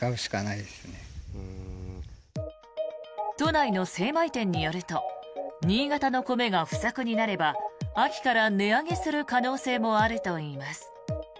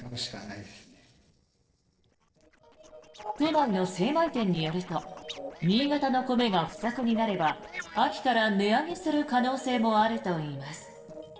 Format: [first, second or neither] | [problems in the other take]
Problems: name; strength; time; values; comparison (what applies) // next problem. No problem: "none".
first | noise reduction (neural separator model SepFormer DNS4)